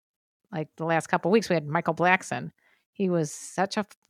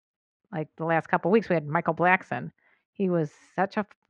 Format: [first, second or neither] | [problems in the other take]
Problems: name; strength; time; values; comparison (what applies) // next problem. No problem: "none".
first | muffled; very; fading above 2 kHz